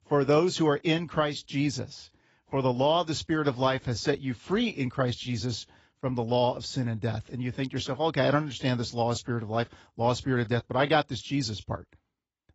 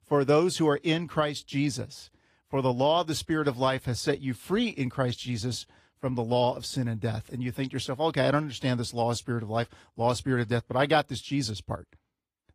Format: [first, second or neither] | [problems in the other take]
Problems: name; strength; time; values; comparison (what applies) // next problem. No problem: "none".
second | garbled, watery; badly; nothing above 7.5 kHz; slightly in the second